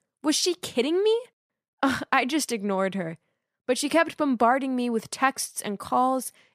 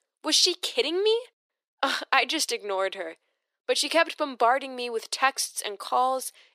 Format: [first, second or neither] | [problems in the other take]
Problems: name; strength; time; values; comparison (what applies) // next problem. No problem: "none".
first | thin; somewhat; fading below 350 Hz